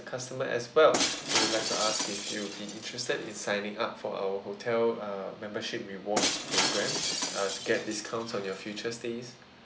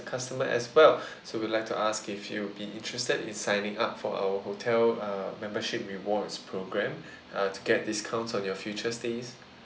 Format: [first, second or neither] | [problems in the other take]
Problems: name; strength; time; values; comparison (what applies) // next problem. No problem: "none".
second | background sound (Shatter); 3 dB below the speech